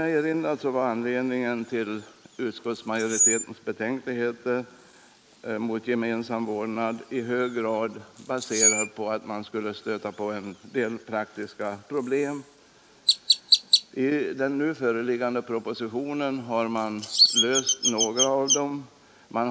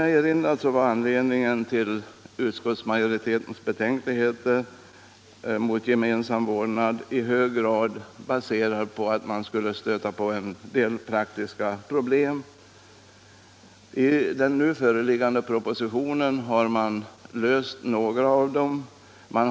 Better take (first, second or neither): second